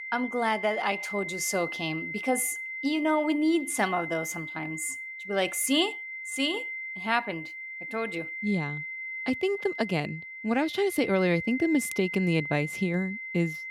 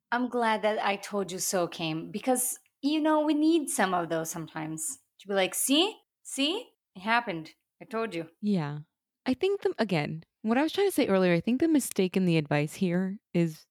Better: second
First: high-pitched whine; loud; throughout; 2 kHz, 6 dB below the speech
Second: none

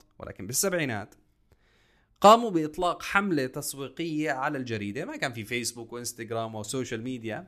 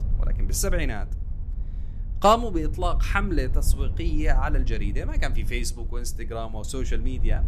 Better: first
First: none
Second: low rumble; faint; throughout; 20 dB below the speech

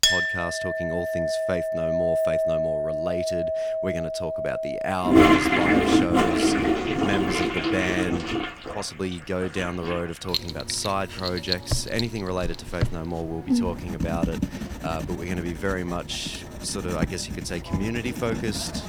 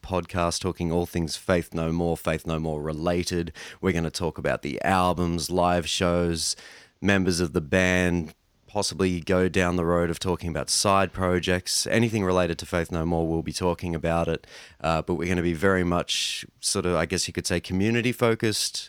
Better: second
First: household noises; very loud; throughout; 5 dB above the speech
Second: none

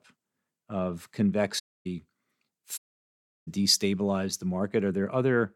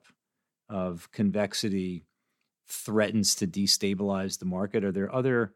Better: second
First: audio cutting out; at 1.5 s and at 3 s for 0.5 s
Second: none

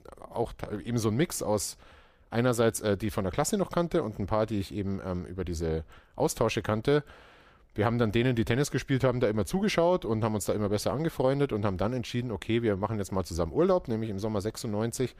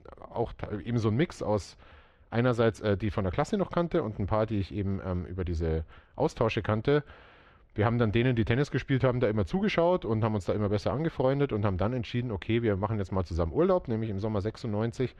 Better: first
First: none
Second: muffled; slightly; fading above 3 kHz

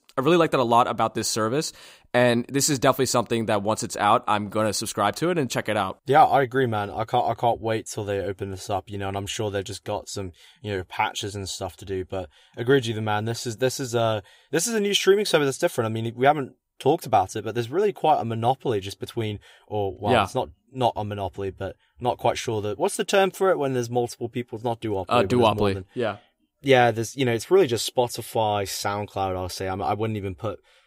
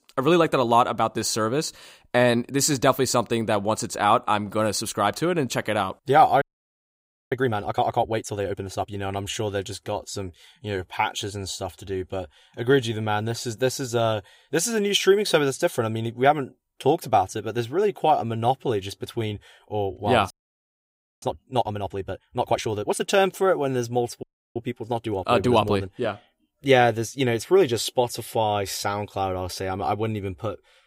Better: first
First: none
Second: audio freezing; at 6.5 s for 1 s, at 20 s for 1 s and at 24 s

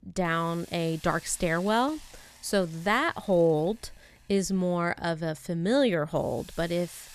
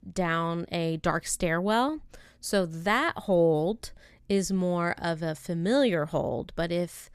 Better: second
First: hiss; faint; throughout; 25 dB below the speech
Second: none

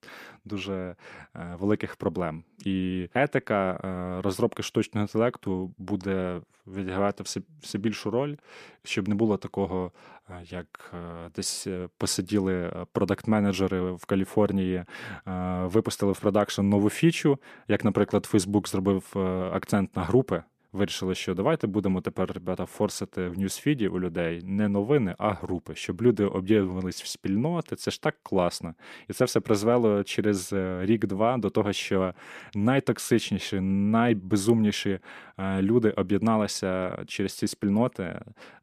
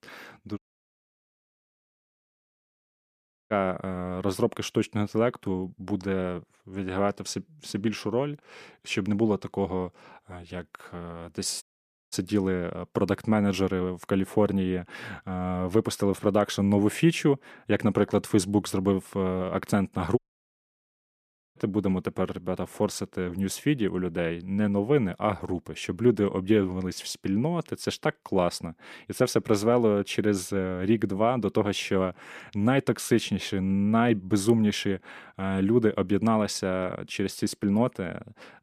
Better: first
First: none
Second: audio cutting out; at 0.5 s for 3 s, at 12 s for 0.5 s and at 20 s for 1.5 s

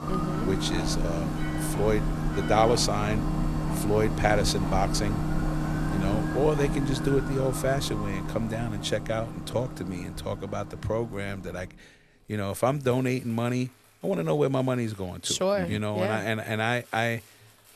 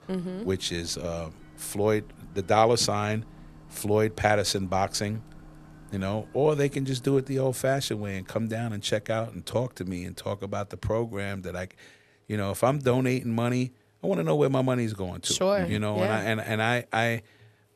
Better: second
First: household noises; loud; throughout; 3 dB below the speech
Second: household noises; faint; throughout; 25 dB below the speech

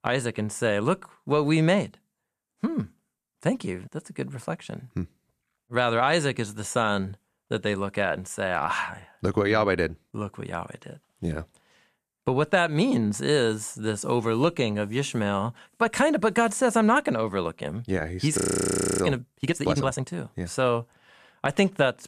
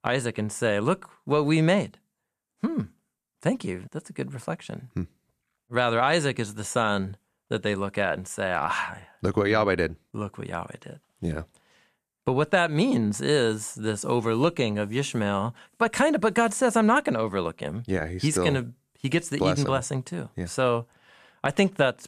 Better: second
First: audio freezing; at 18 s for 0.5 s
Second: none

